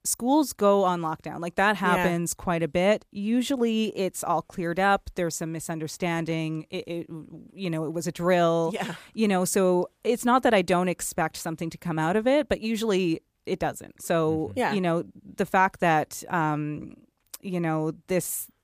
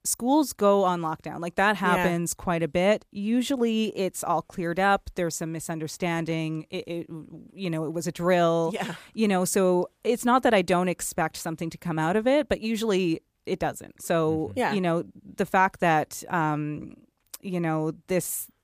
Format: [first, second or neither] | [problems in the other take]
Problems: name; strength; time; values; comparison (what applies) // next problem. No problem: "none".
neither | none